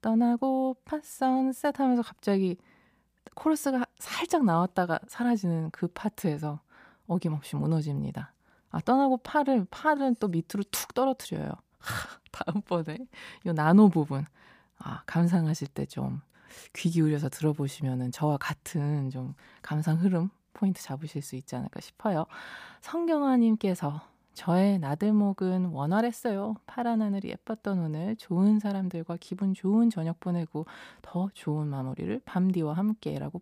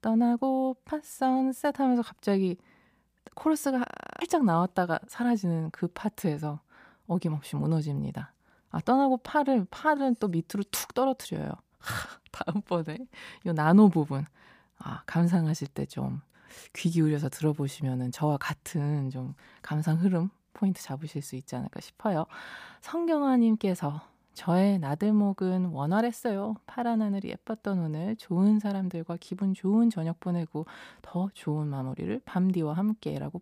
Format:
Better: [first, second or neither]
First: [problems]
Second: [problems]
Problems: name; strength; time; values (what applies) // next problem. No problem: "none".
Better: first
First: none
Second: audio freezing; at 4 s